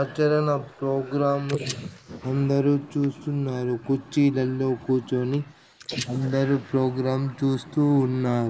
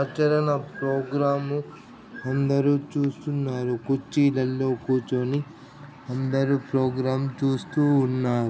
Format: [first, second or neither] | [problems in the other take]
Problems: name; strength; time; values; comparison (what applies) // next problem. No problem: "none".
second | noise reduction (neural mask model Resemble Enhance denoiser)